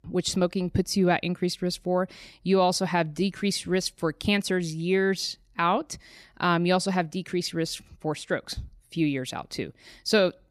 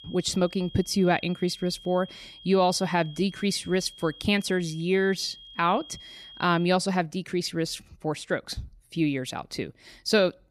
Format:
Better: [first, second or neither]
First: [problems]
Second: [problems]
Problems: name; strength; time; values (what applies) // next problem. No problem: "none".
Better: first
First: none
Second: high-pitched whine; noticeable; until 6.5 s; 3.5 kHz, 20 dB below the speech